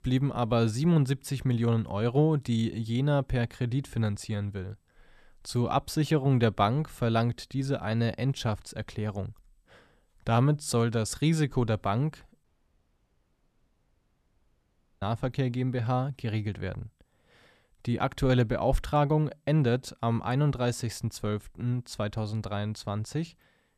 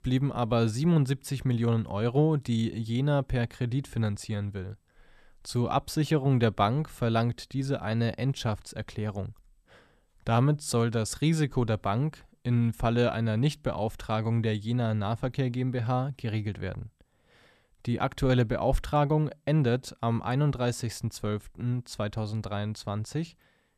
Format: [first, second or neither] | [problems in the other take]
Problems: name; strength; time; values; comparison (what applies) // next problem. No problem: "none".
second | audio cutting out; at 12 s for 2.5 s